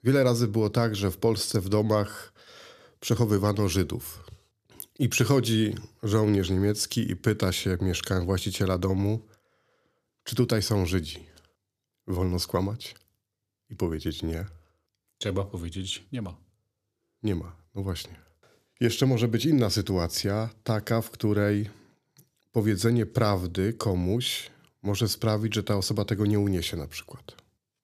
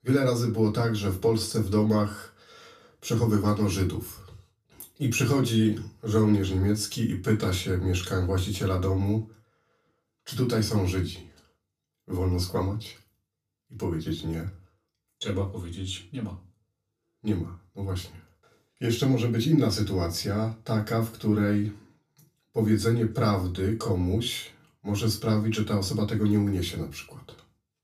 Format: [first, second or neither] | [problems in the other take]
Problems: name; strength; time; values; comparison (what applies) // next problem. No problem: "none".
first | off-mic speech; far // room echo; very slight; dies away in 0.2 s